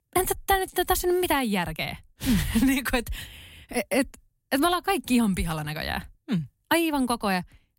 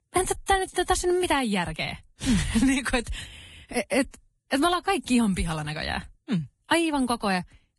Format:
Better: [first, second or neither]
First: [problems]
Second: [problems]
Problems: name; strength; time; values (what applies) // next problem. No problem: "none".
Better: first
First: none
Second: garbled, watery; badly; nothing above 11.5 kHz